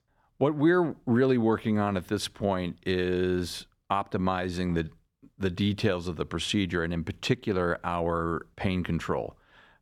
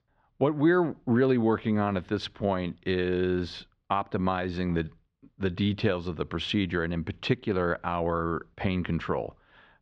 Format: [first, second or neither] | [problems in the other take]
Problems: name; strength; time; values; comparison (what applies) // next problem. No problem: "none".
first | muffled; very slightly; fading above 4 kHz